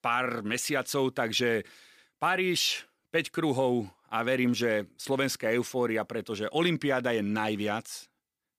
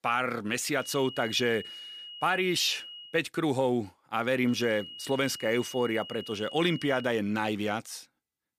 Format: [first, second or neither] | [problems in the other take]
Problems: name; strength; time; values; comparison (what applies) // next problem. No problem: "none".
first | high-pitched whine; noticeable; from 1 to 3 s and from 4.5 to 7 s; 3 kHz, 15 dB below the speech